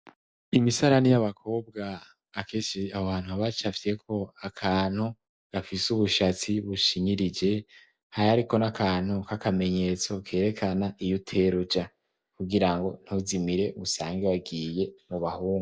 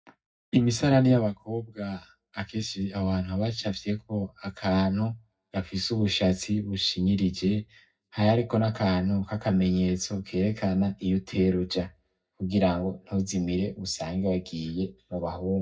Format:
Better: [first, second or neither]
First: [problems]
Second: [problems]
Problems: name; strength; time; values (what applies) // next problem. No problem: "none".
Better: first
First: none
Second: room echo; dies away in 0.4 s